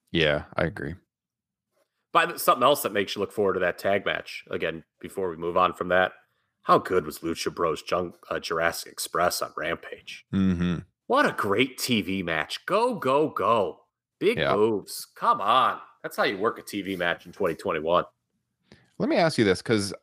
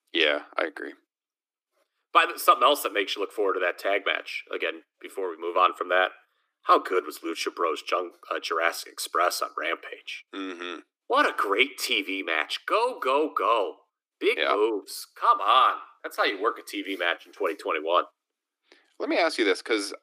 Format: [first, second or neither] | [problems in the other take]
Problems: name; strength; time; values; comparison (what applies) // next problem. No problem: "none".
first | thin; somewhat; fading below 300 Hz